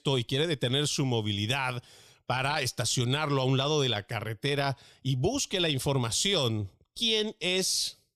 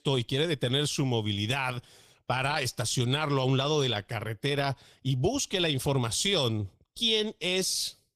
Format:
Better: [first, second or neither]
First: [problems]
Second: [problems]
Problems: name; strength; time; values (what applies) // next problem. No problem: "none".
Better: first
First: none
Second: garbled, watery; slightly